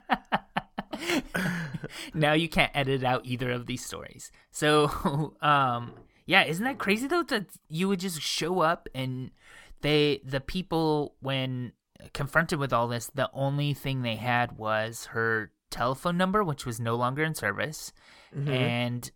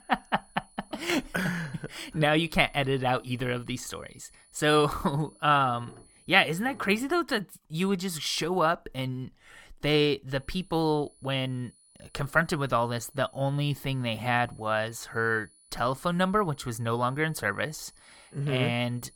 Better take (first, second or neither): first